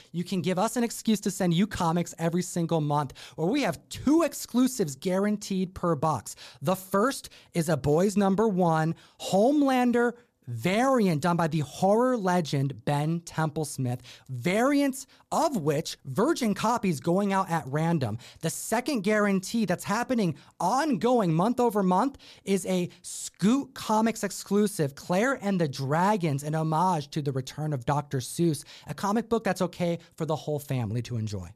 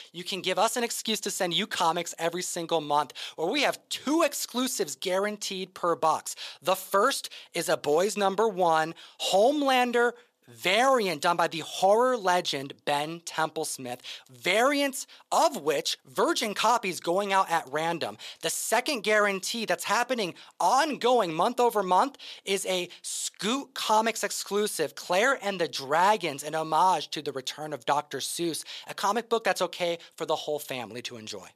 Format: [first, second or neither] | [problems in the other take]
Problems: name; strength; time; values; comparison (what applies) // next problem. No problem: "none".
first | thin; somewhat; fading below 450 Hz